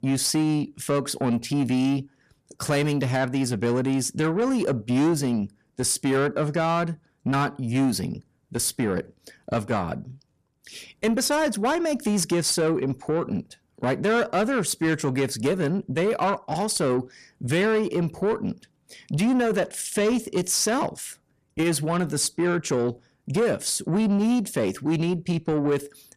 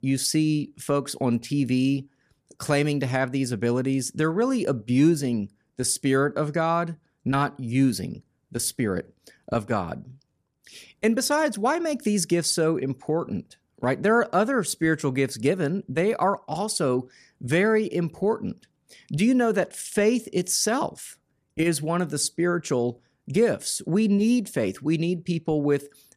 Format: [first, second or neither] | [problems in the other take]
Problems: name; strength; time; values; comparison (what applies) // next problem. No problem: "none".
second | distortion; slight; 10 dB below the speech